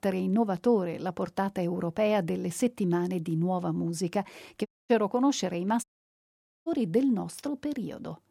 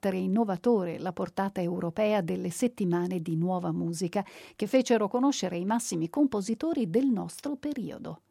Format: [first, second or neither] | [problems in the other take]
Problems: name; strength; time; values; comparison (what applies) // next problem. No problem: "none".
second | audio cutting out; at 4.5 s and at 6 s for 1 s